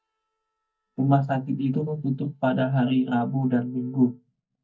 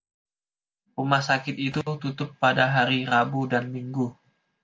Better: second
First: noise reduction (neural mask model DeepFilterNet 3)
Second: none

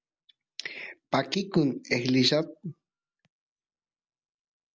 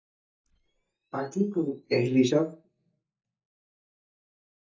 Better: first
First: none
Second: noise reduction (neural mask model DeepFilterNet 3)

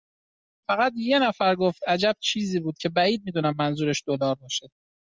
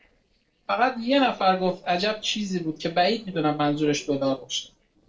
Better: first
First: none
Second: noise reduction (neural separator model SepFormer DNS4)

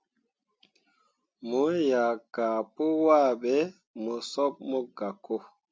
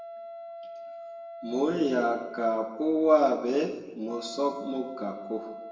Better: first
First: none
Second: background sound (Wind instrument, woodwind instrument); 14 dB below the speech // room echo; dies away in 1 s

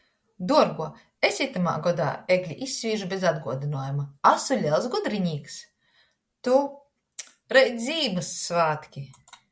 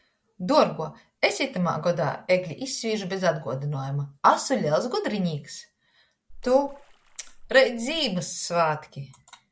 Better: first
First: none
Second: background sound (Splash, splatter); 19 dB below the speech

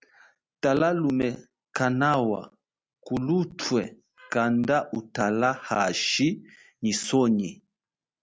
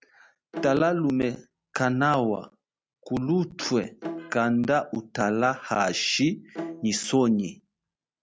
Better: first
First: none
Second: background sound (Bowed string instrument); 15 dB below the speech

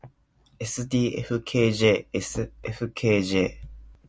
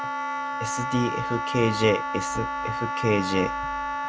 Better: first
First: none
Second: background sound (Wind instrument, woodwind instrument); 2 dB below the speech

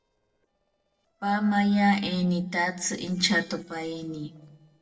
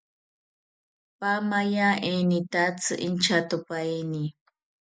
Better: second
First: noise reduction (neural separator model SepFormer DNS4)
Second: none

